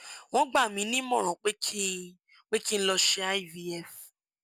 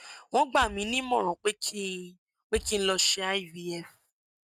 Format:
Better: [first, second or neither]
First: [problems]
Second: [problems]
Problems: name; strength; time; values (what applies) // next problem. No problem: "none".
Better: first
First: none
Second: noise reduction (neural mask model RNNoise)